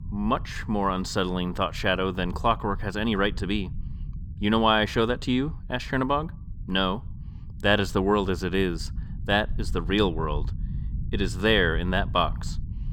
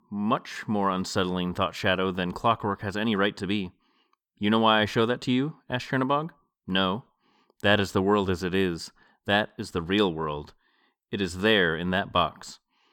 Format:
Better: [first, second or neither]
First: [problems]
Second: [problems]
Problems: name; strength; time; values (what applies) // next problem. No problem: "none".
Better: second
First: low rumble; faint; throughout; 25 dB below the speech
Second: none